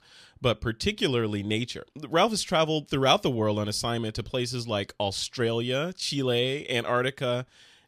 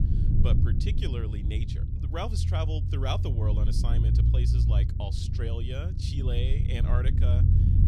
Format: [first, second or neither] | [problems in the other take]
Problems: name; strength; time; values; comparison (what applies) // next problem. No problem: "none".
first | low rumble; loud; throughout; 3 dB below the speech